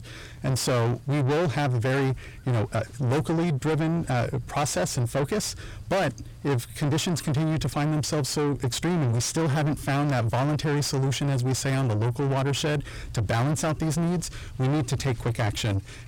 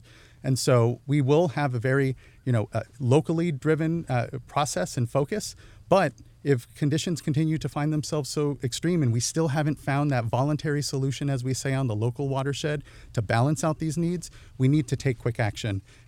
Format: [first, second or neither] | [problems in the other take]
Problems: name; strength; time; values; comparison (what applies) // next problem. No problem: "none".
second | distortion; heavy; 6 dB below the speech